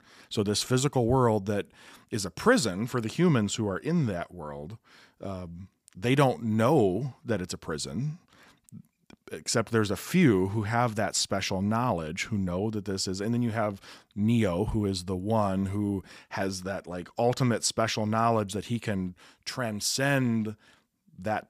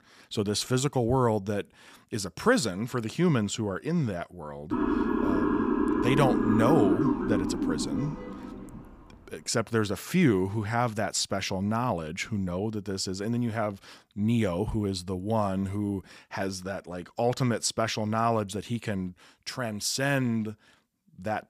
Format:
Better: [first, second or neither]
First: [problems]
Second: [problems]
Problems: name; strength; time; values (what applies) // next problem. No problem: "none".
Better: first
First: none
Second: siren; loud; from 4.5 to 8.5 s; peak 4 dB above the speech